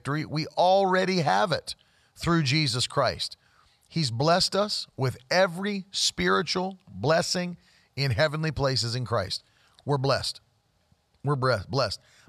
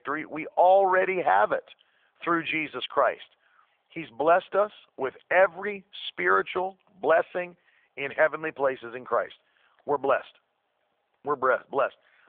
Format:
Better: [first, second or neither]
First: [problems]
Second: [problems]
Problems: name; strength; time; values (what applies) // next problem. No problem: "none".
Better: first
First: none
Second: phone-call audio; nothing above 3.5 kHz